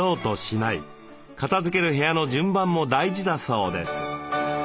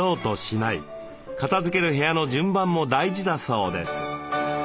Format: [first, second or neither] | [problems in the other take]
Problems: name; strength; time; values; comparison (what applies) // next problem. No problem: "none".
first | background sound (Subway, metro, underground / Doorbell); 13 dB below the speech